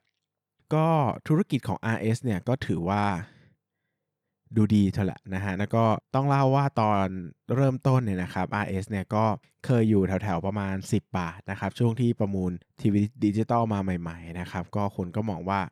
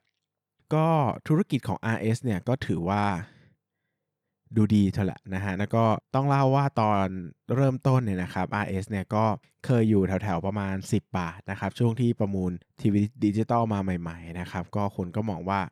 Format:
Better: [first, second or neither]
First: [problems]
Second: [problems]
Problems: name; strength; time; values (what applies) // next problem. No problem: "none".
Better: neither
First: none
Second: none